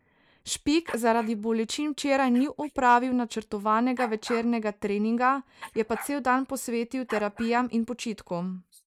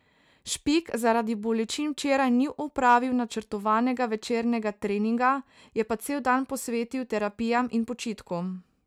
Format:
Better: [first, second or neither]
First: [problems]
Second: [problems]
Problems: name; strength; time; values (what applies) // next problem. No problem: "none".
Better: second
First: noise reduction (neural mask model Resemble Enhance denoiser)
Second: none